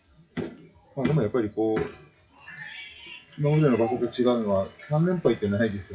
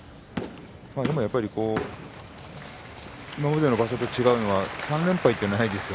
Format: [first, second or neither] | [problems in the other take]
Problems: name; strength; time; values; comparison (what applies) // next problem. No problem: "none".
second | noise reduction (classical method WPE with log-MMSE)